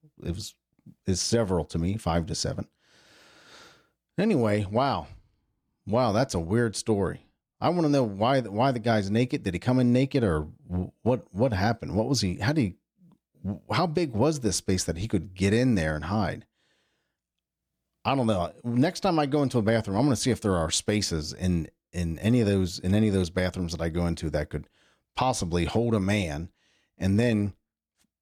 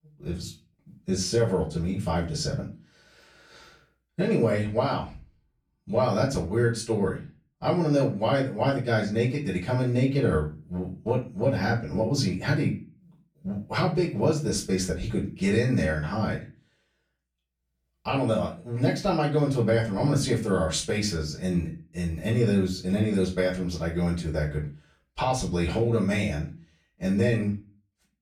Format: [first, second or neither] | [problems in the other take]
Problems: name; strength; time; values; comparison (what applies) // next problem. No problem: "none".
first | off-mic speech; far // room echo; slight; dies away in 0.3 s